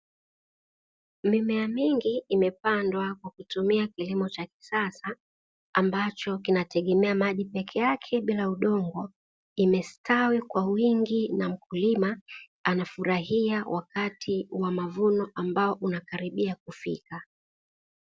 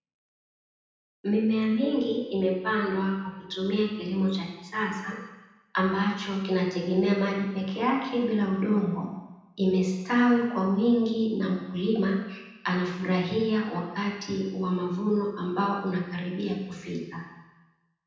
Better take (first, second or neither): first